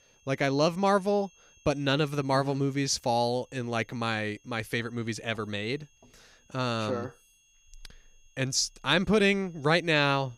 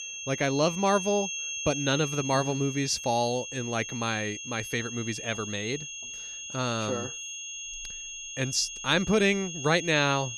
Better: first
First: high-pitched whine; faint; throughout; 6.5 kHz, 35 dB below the speech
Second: high-pitched whine; loud; throughout; 6.5 kHz, 7 dB below the speech

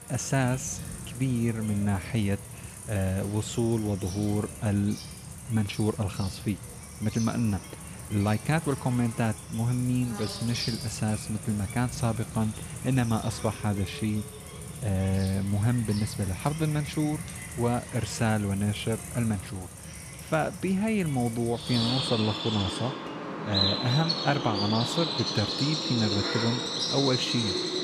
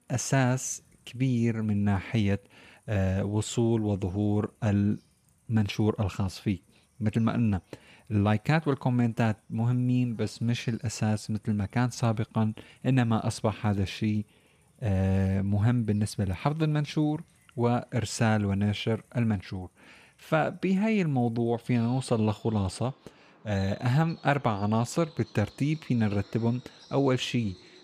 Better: second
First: animal sounds; loud; throughout; 5 dB below the speech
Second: animal sounds; faint; throughout; 30 dB below the speech

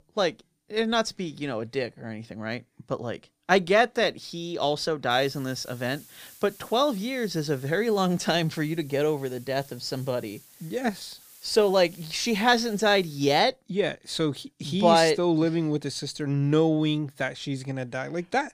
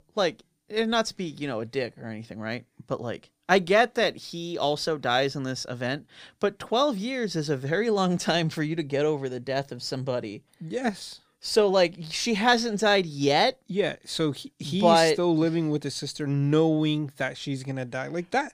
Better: second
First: hiss; faint; from 5 to 13 s; 25 dB below the speech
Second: none

